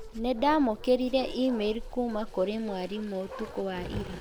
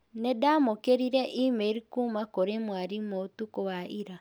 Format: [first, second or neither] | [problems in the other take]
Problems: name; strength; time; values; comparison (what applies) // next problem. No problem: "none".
second | background sound (Bark); 11 dB below the speech